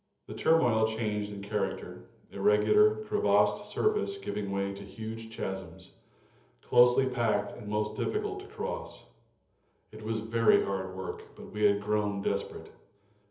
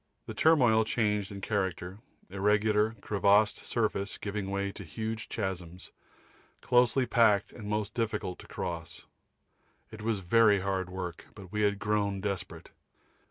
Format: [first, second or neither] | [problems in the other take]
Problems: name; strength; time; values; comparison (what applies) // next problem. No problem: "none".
second | room echo; dies away in 0.7 s